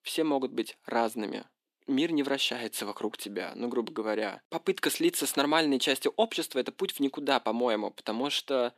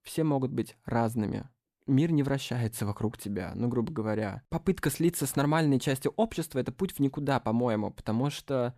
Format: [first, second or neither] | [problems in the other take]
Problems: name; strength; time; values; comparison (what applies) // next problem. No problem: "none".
second | thin; very slightly; fading below 300 Hz